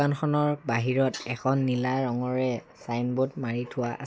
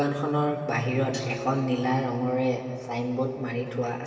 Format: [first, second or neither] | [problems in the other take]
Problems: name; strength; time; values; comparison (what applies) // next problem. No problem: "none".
first | background sound (Bowed string instrument); 14 dB below the speech // room echo; dies away in 2.6 s